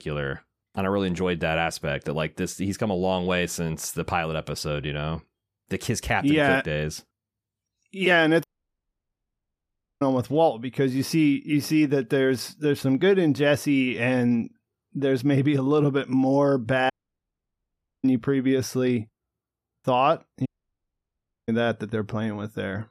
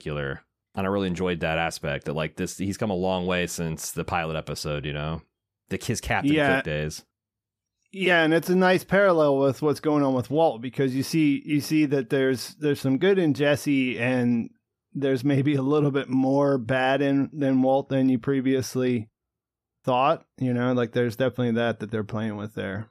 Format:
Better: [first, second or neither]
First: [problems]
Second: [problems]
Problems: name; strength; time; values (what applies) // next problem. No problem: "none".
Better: second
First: audio cutting out; at 8.5 s for 1.5 s, at 17 s for 1 s and at 20 s for 1 s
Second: none